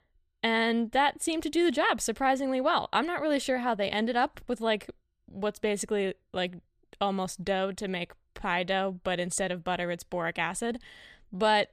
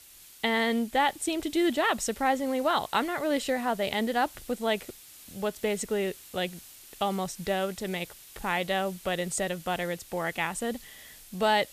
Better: first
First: none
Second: hiss; noticeable; throughout; 20 dB below the speech

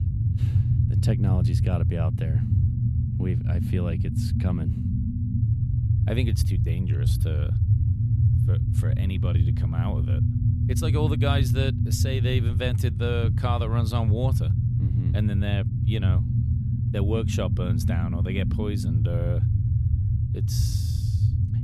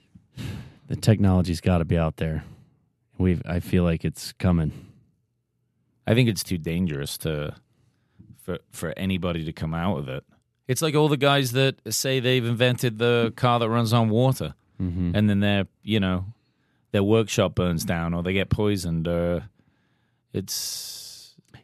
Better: second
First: low rumble; loud; throughout; 3 dB below the speech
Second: none

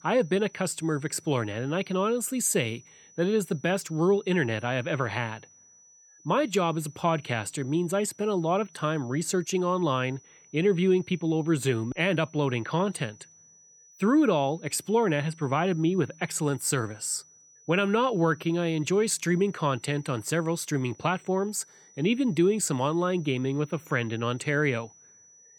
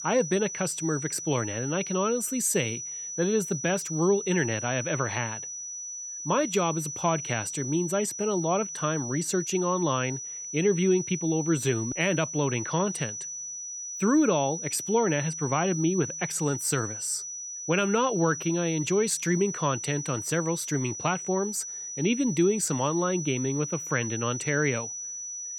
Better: first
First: high-pitched whine; faint; throughout; 6 kHz, 25 dB below the speech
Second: high-pitched whine; loud; throughout; 6 kHz, 6 dB below the speech

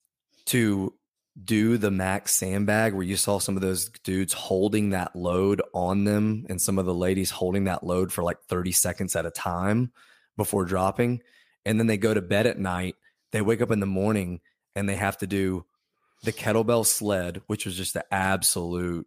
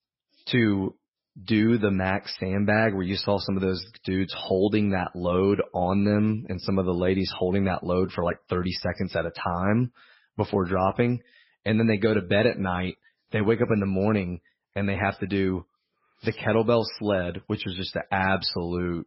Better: first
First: none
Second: garbled, watery; badly; nothing above 5.5 kHz

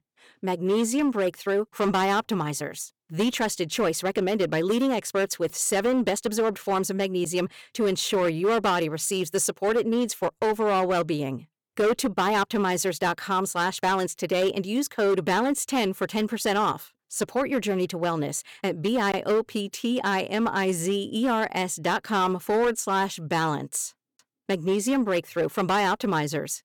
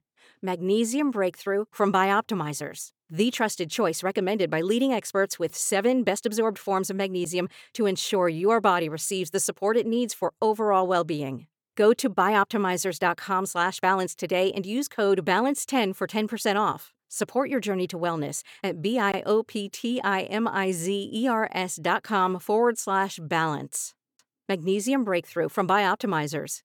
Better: second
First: distortion; slight; 9% of the sound clipped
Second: none

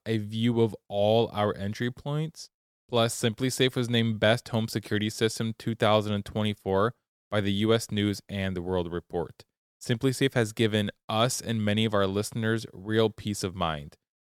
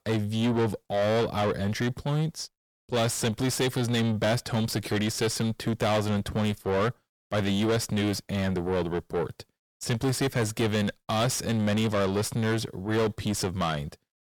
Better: first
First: none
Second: distortion; heavy; 5 dB below the speech

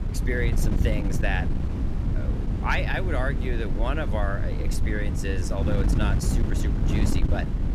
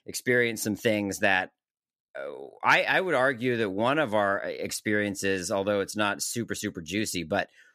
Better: second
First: wind noise on the microphone; heavy; 6 dB below the speech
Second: none

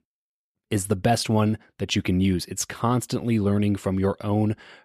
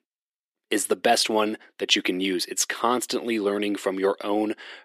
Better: first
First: none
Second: thin; somewhat; fading below 300 Hz

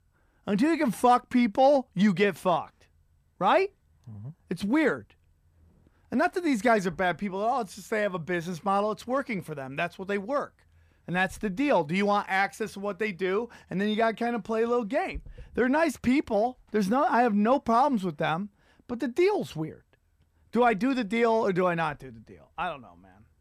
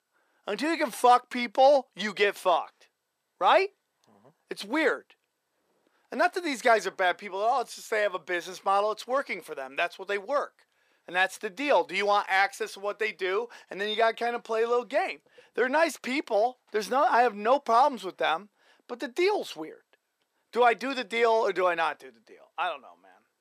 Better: first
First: none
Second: thin; somewhat; fading below 400 Hz

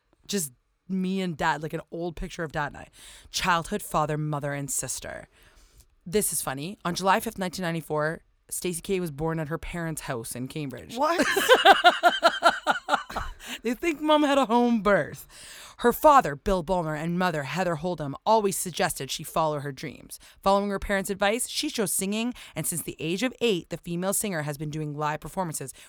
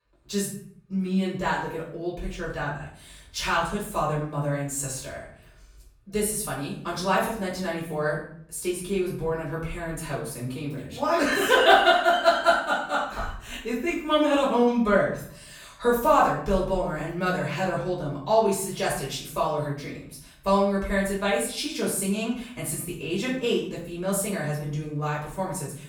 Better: first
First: none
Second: off-mic speech; far // room echo; noticeable; dies away in 0.6 s

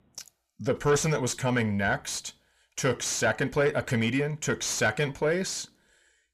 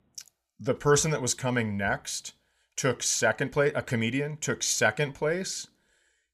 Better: second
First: distortion; slight; 10 dB below the speech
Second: none

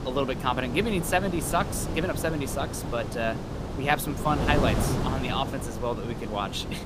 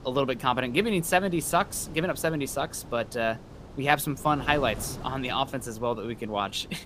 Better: second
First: wind noise on the microphone; heavy; 7 dB below the speech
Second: wind noise on the microphone; occasional gusts; 20 dB below the speech

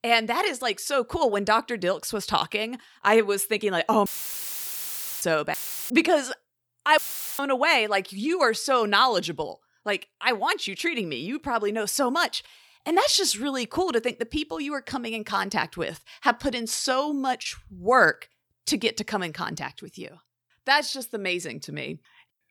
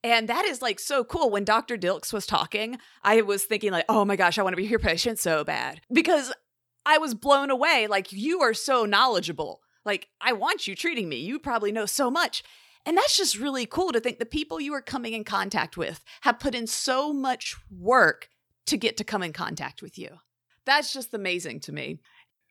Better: second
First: audio cutting out; filled with static; at 4 s for 1 s, at 5.5 s and at 7 s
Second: none

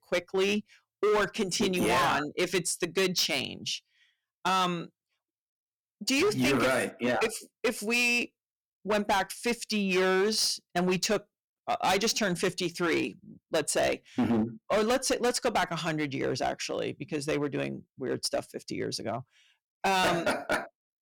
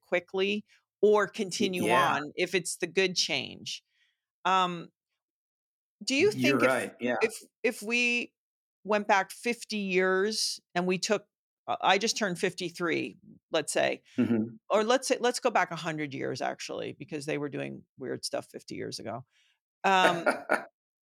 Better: second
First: distortion; heavy; 11% of the sound clipped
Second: none

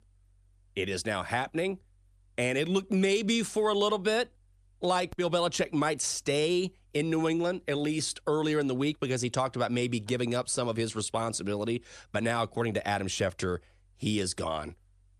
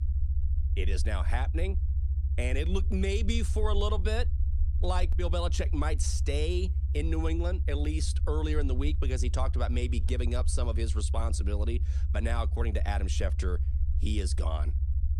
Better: first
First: none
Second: low rumble; noticeable; throughout; 10 dB below the speech

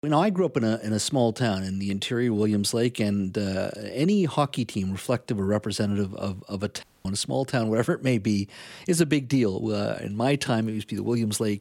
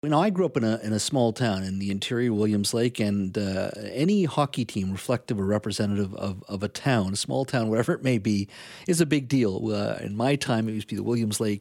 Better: second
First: audio cutting out; at 7 s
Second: none

